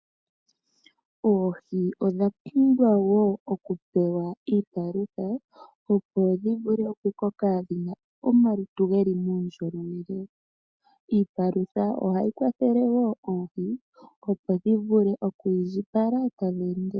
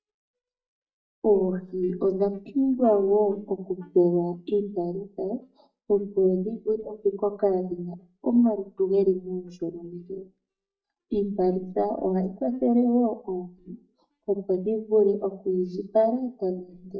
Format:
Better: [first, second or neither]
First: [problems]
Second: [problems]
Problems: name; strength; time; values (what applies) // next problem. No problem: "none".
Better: first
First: none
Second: noise reduction (neural mask model DeepFilterNet 3)